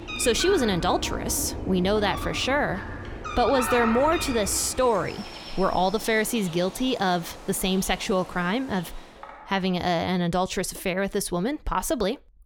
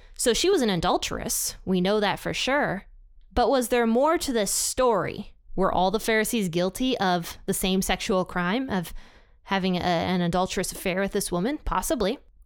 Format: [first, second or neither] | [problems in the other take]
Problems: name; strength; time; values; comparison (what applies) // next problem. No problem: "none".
second | animal sounds; loud; until 9 s; 10 dB below the speech